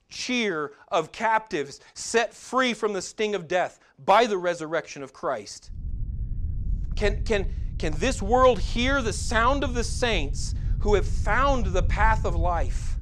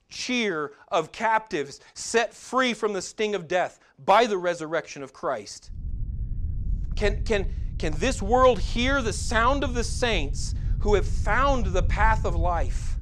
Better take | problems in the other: neither | low rumble; faint; from 6 s on; 25 dB below the speech; the same in both

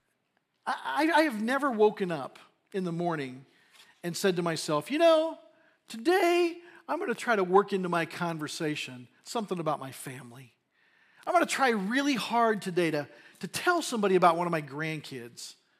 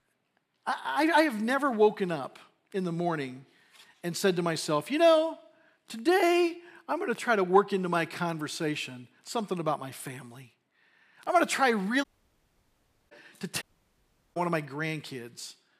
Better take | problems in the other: first | audio cutting out; at 12 s for 1 s and at 14 s for 0.5 s

